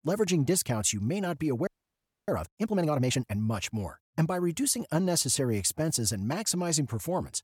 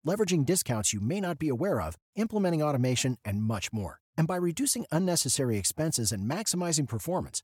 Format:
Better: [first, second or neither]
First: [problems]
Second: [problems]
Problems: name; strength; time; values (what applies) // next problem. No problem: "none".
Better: second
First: audio freezing; at 1.5 s for 0.5 s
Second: none